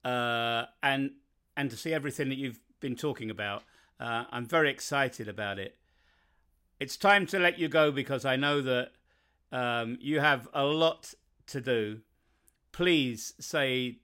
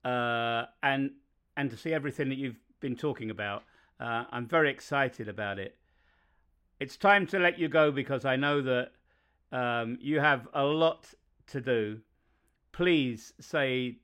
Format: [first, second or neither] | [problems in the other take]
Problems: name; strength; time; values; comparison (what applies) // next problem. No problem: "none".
first | muffled; slightly; fading above 4 kHz